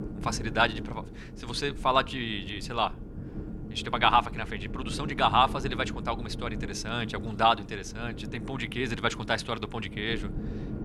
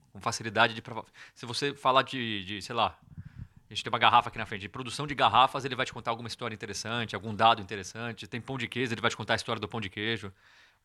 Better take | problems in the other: second | low rumble; noticeable; throughout; 20 dB below the speech

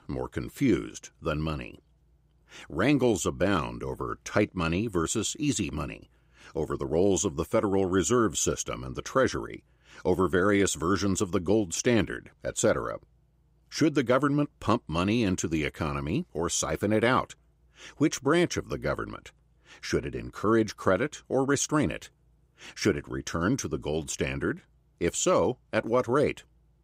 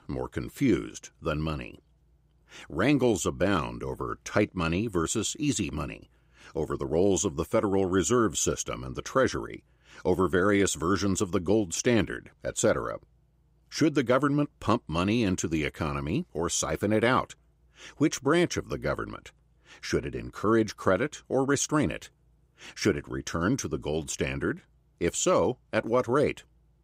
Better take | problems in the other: neither | none

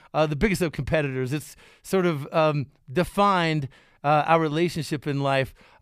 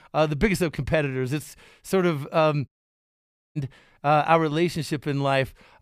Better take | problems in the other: first | audio cutting out; at 2.5 s for 1 s

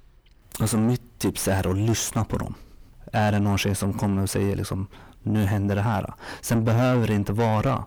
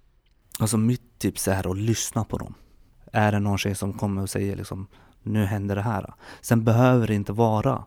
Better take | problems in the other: second | distortion; heavy; 6 dB below the speech

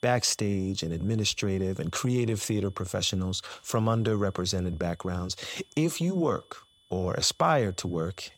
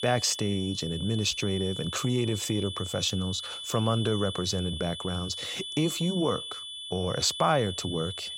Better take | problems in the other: first | high-pitched whine; loud; throughout; 3.5 kHz, 7 dB below the speech; faint in the first

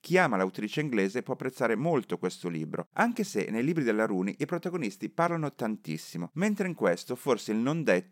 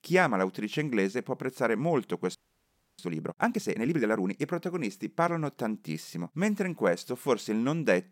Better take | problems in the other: first | audio freezing; at 2.5 s for 0.5 s

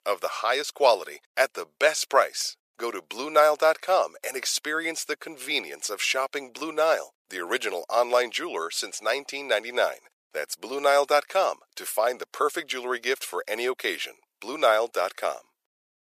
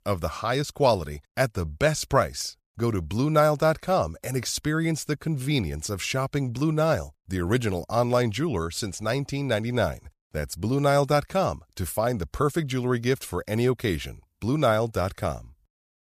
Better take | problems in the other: second | thin; very; fading below 450 Hz

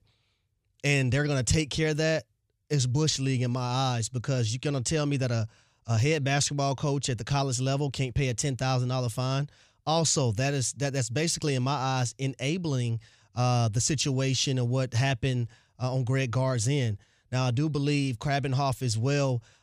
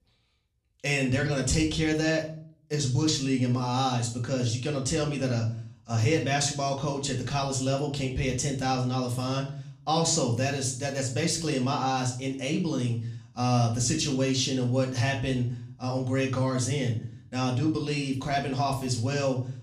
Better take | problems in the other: first | room echo; slight; dies away in 0.4 s // off-mic speech; far

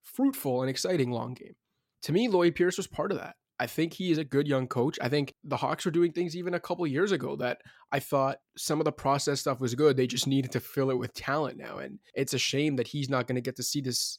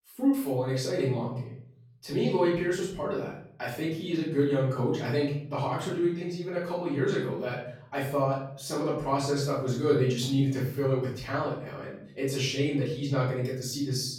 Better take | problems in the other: first | room echo; noticeable; dies away in 0.8 s // off-mic speech; far

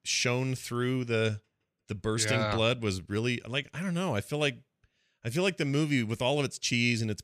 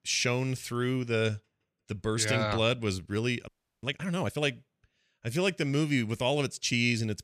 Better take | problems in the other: first | audio freezing; at 3.5 s

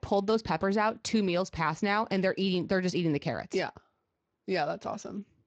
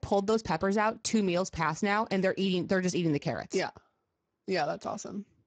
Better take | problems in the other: first | garbled, watery; badly; nothing above 7.5 kHz; slightly in the first

